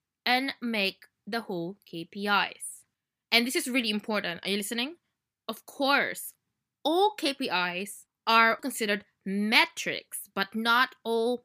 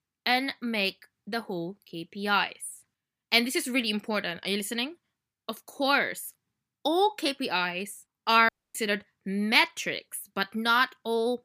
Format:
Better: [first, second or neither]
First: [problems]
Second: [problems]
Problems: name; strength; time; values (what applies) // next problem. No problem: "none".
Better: first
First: none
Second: audio cutting out; at 8.5 s